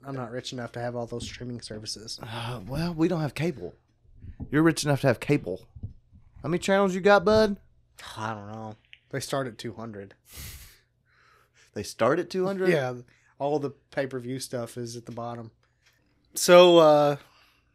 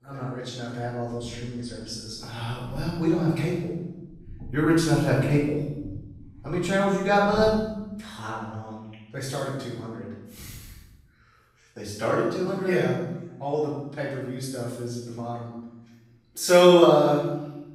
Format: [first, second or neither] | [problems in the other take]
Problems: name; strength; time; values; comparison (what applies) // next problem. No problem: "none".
first | room echo; strong; dies away in 1 s // off-mic speech; far